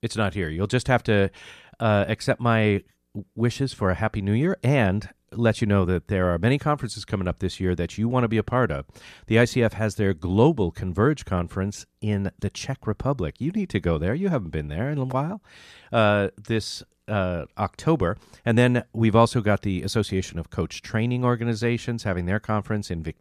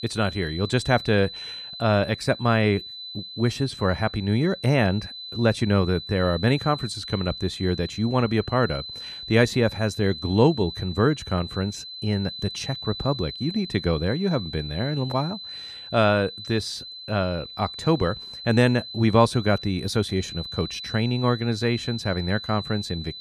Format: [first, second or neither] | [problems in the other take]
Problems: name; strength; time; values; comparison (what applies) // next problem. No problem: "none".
first | high-pitched whine; noticeable; throughout; 4 kHz, 10 dB below the speech